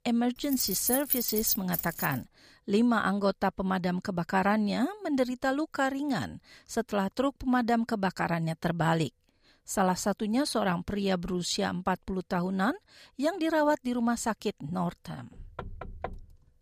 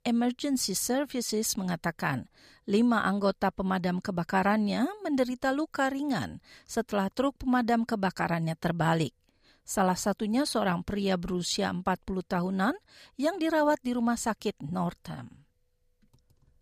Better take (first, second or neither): second